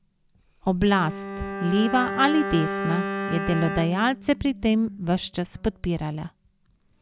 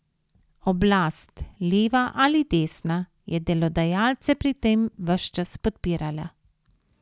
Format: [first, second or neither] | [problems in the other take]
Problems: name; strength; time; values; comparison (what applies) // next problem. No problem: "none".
second | background sound (Bowed string instrument); 8 dB below the speech